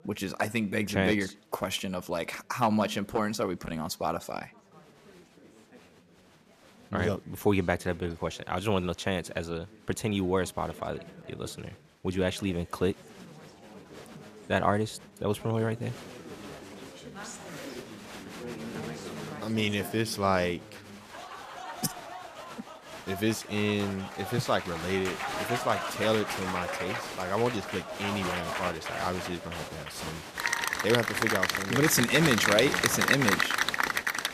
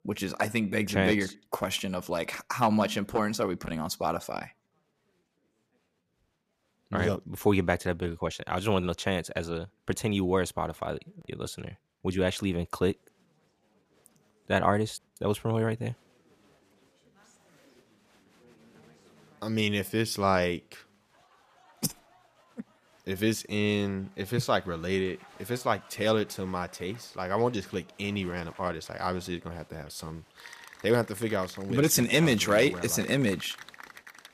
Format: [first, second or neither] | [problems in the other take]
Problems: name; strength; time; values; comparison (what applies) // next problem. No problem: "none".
second | crowd noise; loud; throughout; 2 dB below the speech; faint in the second